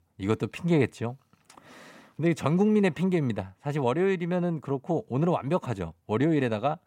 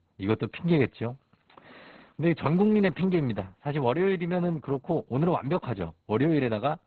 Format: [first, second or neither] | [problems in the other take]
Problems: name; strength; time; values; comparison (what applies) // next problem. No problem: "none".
first | garbled, watery; badly